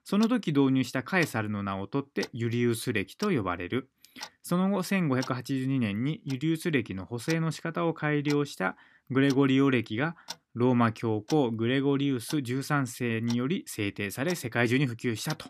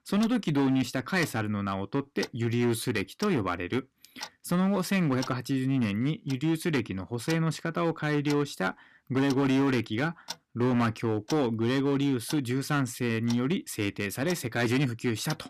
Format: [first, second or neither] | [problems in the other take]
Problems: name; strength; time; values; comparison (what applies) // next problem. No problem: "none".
first | distortion; slight; 8% of the sound clipped